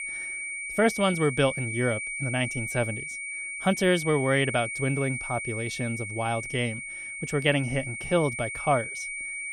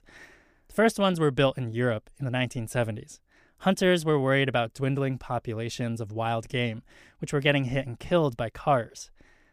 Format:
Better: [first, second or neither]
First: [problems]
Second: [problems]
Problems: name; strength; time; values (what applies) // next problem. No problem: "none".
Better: second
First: high-pitched whine; loud; throughout; 2 kHz, 5 dB below the speech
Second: none